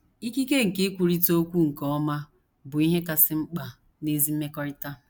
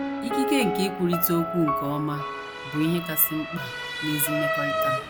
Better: first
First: none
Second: background sound (Motor vehicle (road) / Siren + Piano); 2 dB below the speech

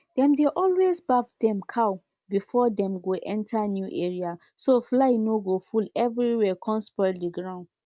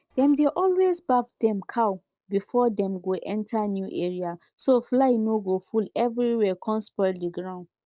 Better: first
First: none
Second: noise reduction (neural separator model SepFormer DNS4)

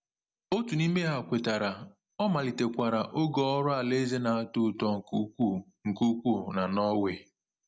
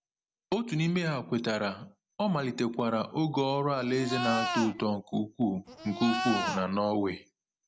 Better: first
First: none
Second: background sound (Livestock, farm animals, working animals); 4 dB below the speech

